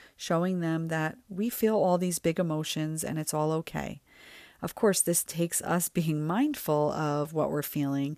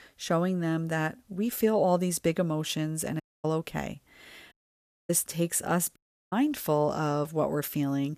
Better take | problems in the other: first | audio cutting out; at 3 s, at 4.5 s for 0.5 s and at 6 s

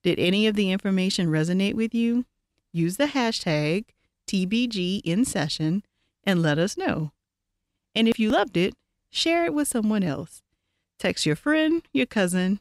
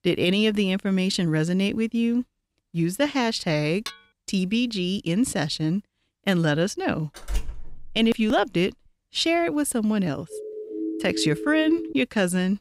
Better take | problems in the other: first | clattering dishes; faint; at 4 s; peak 15 dB below the speech // door banging; noticeable; at 7 s; peak 9 dB below the speech // siren; noticeable; from 10 to 12 s; peak 6 dB below the speech

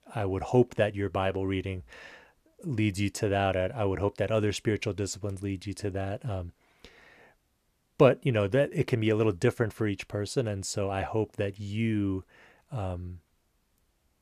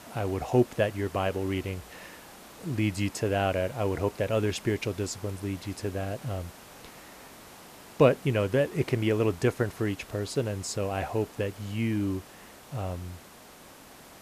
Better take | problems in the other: first | hiss; noticeable; throughout; 20 dB below the speech

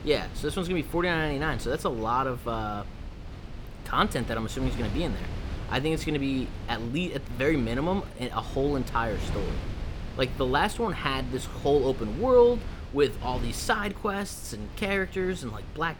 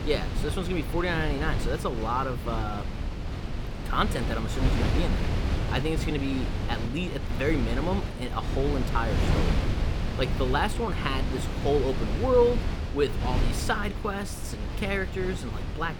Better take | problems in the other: first | wind noise on the microphone; heavy; 7 dB below the speech; occasional gusts in the first

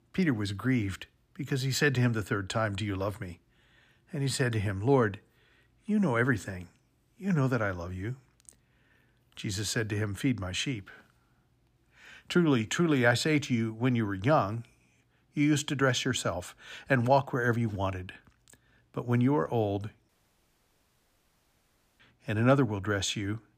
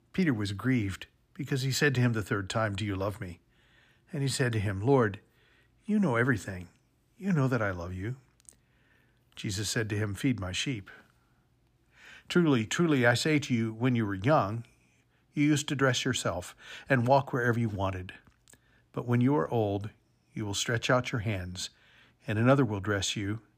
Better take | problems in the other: second | audio cutting out; at 20 s for 2 s

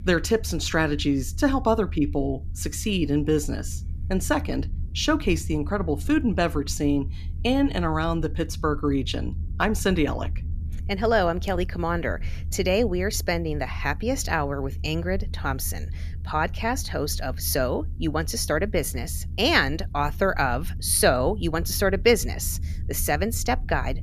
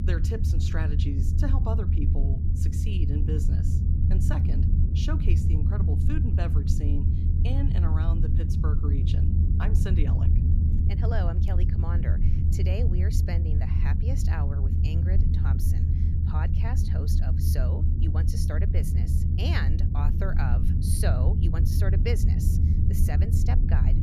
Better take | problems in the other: first | low rumble; loud; throughout; as loud as the speech; faint in the first

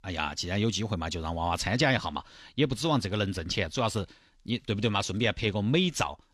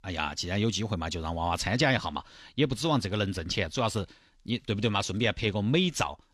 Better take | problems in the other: neither | none

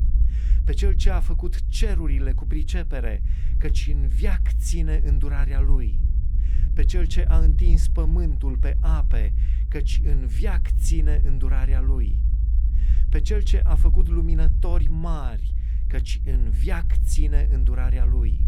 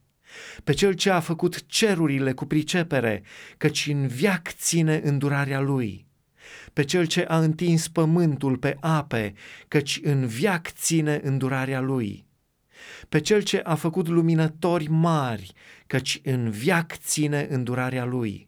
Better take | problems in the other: second | low rumble; loud; throughout; 8 dB below the speech

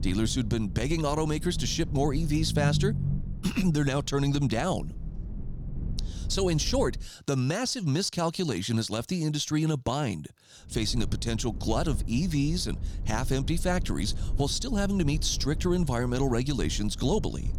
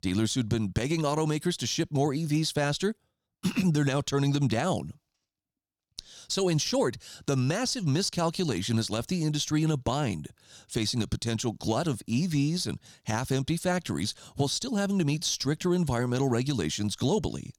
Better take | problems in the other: second | low rumble; noticeable; until 7 s and from 11 s on; 15 dB below the speech

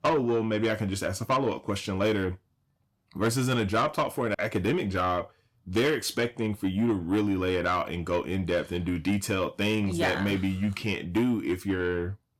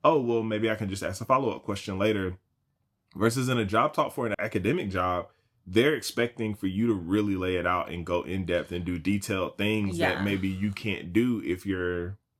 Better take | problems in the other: second | distortion; slight; 10 dB below the speech

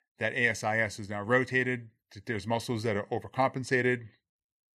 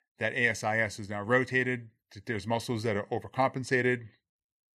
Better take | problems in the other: neither | none

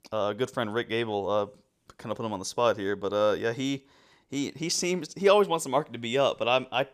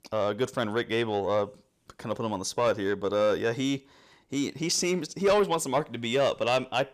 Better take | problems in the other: first | distortion; slight; 10 dB below the speech

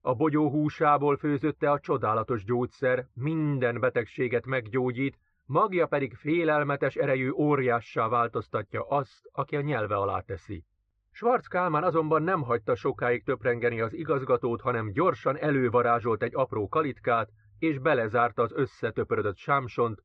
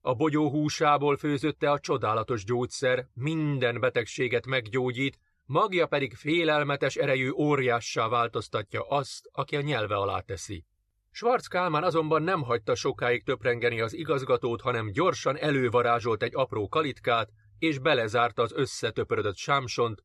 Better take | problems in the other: second | muffled; very; fading above 1.5 kHz

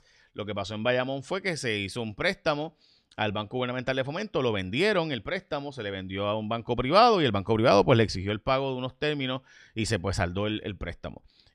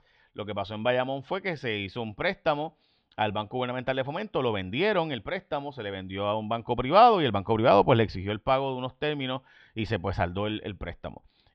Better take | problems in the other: first | muffled; slightly; fading above 3.5 kHz

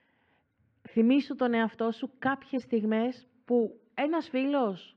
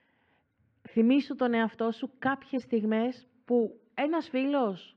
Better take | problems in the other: neither | muffled; very; fading above 2.5 kHz; the same in both

